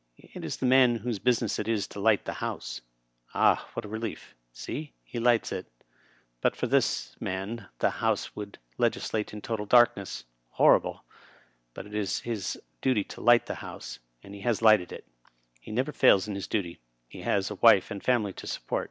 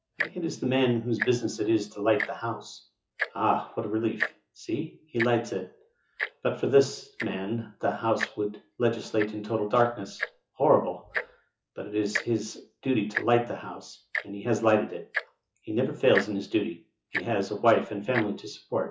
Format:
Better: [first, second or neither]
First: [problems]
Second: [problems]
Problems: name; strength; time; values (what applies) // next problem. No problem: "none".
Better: first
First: none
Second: noise reduction (classical method WPE with log-MMSE)